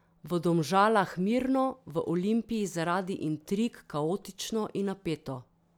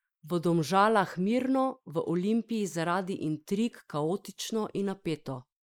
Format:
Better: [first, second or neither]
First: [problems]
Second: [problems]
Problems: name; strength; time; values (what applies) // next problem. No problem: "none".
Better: first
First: none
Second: noise reduction (neural mask model Resemble Enhance denoiser)